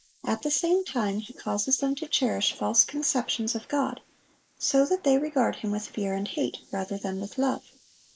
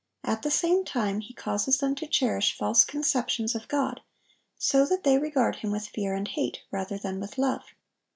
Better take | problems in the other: second | noise reduction (neural mask model Resemble Enhance denoiser)

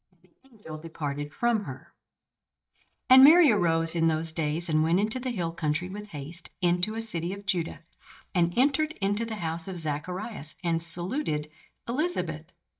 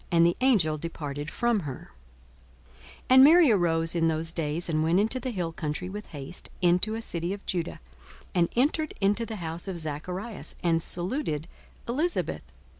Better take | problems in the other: second | noise reduction (neural mask model DeepFilterNet 3)

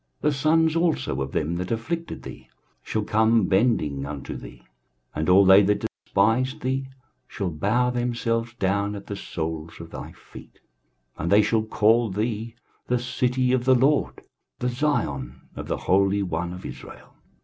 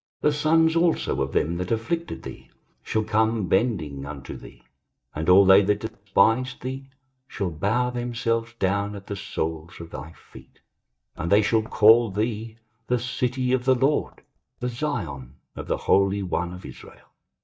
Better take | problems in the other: first | noise reduction (neural mask model DeepFilterNet 3)

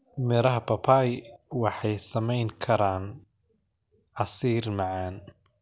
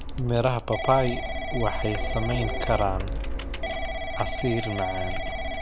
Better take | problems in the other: first | background sound (Telephone / Typing + Printer); 1 dB below the speech

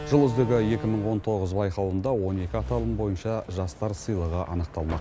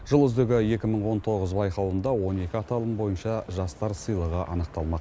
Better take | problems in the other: second | background sound (Slam); 13 dB below the speech

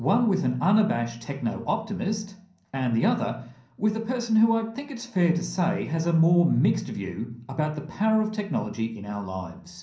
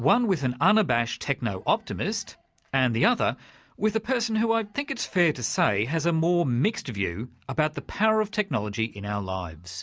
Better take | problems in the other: second | room echo; dies away in 0.6 s

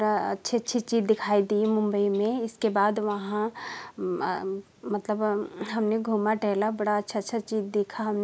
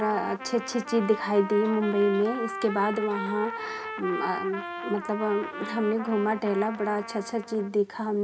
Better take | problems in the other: first | background sound (Trumpet); 9 dB below the speech // room echo; dies away in 0.3 s

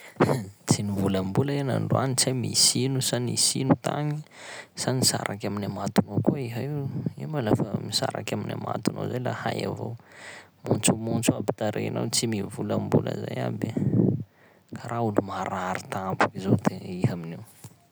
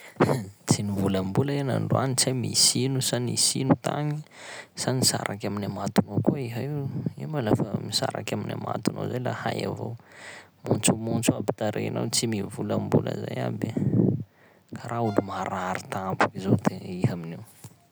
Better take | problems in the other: first | background sound (Brass instrument); 19 dB below the speech

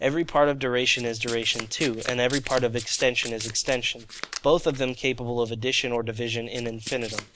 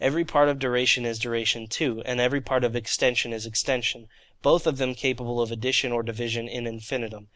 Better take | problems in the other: second | background sound (Domestic sounds, home sounds); 14 dB below the speech

